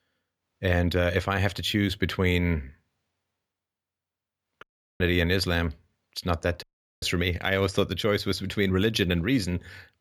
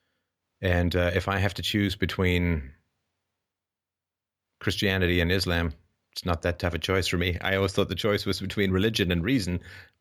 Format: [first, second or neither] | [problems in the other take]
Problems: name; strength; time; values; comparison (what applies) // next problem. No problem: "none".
second | audio cutting out; at 4.5 s and at 6.5 s